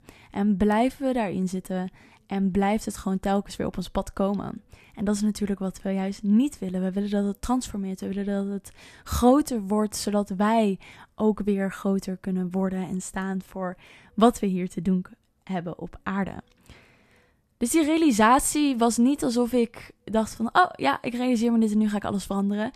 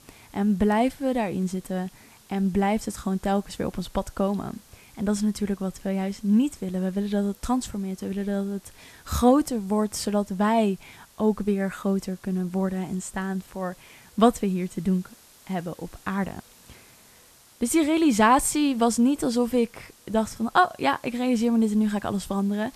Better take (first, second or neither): first